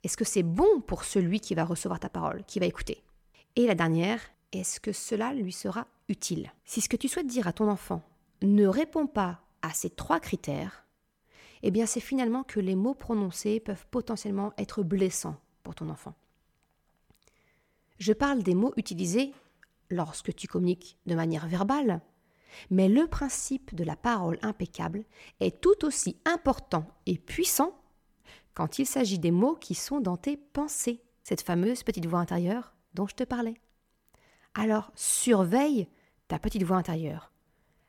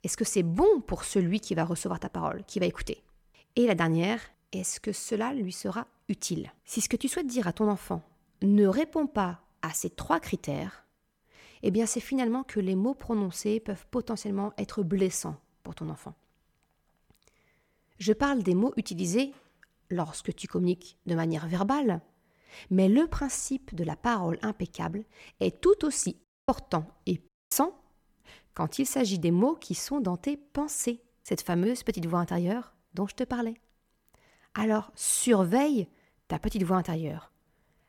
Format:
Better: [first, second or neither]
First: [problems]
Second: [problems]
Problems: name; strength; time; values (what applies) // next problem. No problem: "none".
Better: first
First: none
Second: audio cutting out; at 26 s and at 27 s